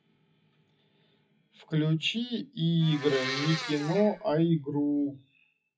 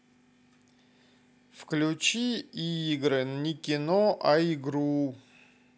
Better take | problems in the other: second | noise reduction (classical method WPE with log-MMSE)

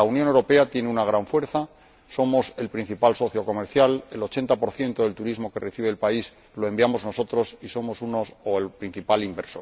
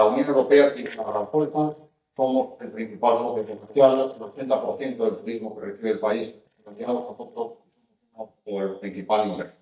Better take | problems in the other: first | noise reduction (neural mask model DeepFilterNet 3)

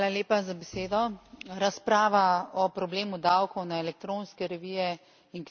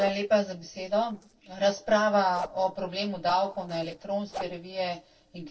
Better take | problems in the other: first | noise reduction (neural separator model SepFormer DNS4)

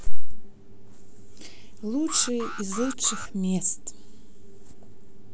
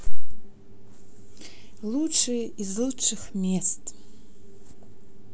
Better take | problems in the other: second | background sound (Alarm); 19 dB below the speech

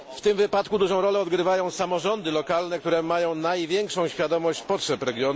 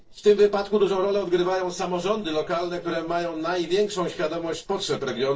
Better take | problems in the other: first | noise reduction (neural separator model SepFormer DNS4)

